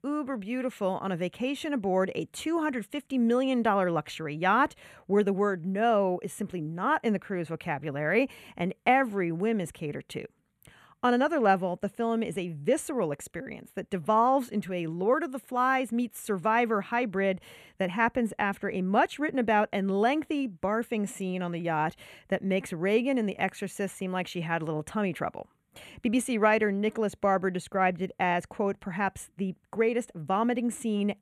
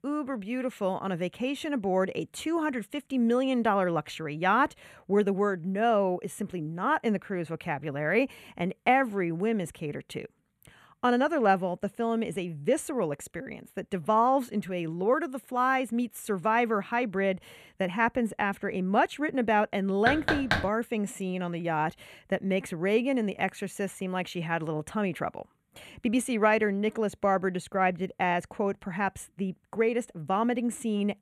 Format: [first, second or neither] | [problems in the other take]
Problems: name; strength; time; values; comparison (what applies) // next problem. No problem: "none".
first | door banging; loud; at 20 s; peak 1 dB above the speech